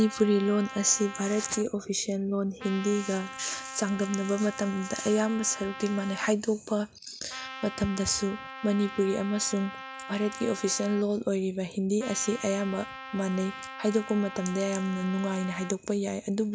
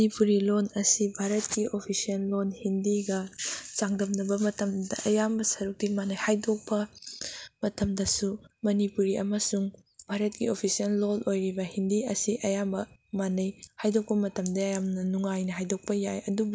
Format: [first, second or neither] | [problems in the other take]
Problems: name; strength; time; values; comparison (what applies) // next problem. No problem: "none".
second | background sound (Trumpet); 13 dB below the speech